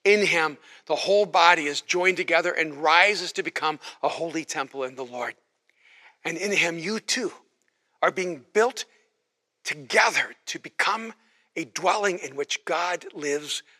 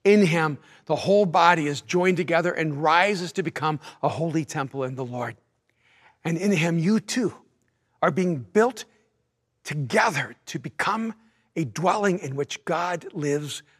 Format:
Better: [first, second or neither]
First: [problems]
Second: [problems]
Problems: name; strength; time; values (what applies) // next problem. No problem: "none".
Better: second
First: thin; somewhat; fading below 400 Hz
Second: none